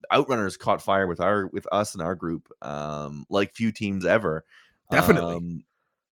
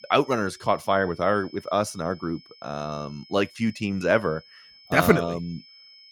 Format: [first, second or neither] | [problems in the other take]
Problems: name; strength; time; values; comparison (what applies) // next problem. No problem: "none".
first | high-pitched whine; faint; throughout; 5 kHz, 25 dB below the speech